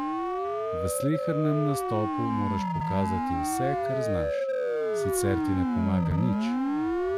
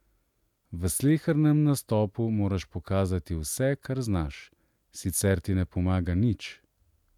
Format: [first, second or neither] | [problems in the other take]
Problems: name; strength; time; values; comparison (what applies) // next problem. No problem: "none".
second | background sound (Siren); 4 dB above the speech